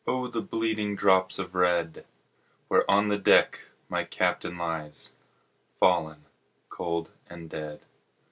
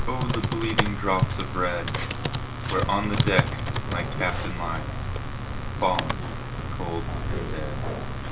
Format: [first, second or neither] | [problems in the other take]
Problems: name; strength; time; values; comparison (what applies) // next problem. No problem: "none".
first | background sound (Computer keyboard); 3 dB above the speech // room echo; dies away in 0.4 s